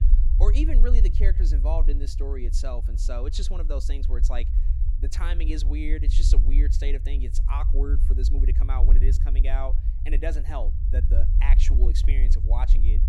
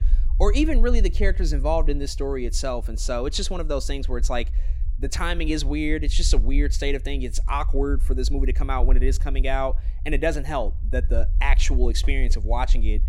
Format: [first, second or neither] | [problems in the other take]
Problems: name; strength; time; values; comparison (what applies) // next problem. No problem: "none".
second | low rumble; loud; throughout; 8 dB below the speech; faint in the second